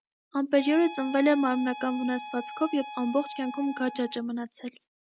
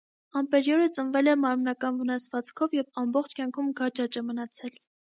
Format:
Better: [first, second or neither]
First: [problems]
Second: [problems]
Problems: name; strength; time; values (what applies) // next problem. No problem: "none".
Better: second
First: background sound (Wind instrument, woodwind instrument); 14 dB below the speech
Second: none